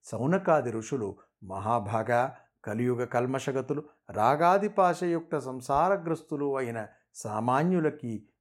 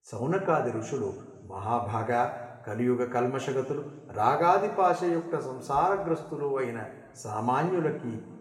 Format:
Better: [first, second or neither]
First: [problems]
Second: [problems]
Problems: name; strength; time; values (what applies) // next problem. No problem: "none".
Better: first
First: none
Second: room echo; slight; dies away in 1.7 s // off-mic speech; somewhat distant